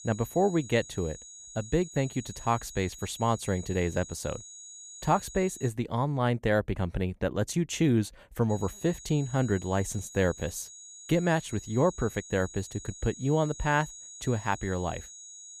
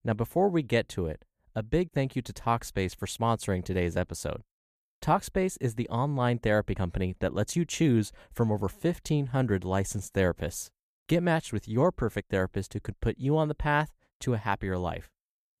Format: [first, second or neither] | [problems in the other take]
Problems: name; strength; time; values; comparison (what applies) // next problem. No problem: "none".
second | high-pitched whine; noticeable; until 5.5 s and from 8.5 s on; 6.5 kHz, 15 dB below the speech